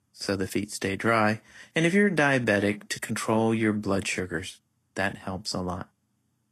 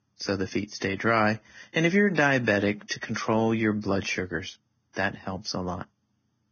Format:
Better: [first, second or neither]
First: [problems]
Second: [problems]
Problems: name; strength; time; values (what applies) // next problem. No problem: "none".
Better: first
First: garbled, watery; slightly; nothing above 13.5 kHz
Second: garbled, watery; badly; nothing above 6.5 kHz